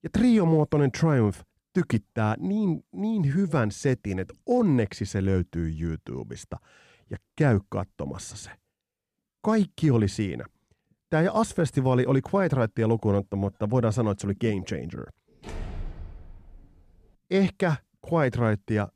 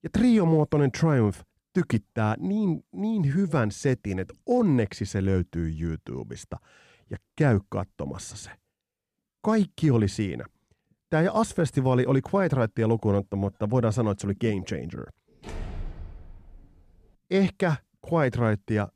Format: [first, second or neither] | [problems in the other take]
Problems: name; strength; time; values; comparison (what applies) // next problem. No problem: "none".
neither | door banging; faint; from 15 to 17 s; peak 15 dB below the speech; the same in both